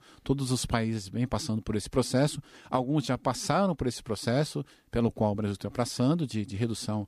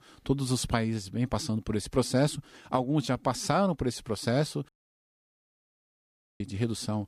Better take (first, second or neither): first